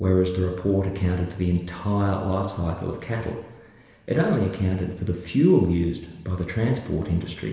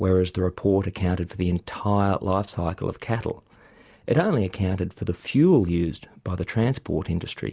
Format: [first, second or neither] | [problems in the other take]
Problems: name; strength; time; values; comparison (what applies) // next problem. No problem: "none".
second | room echo; dies away in 1.1 s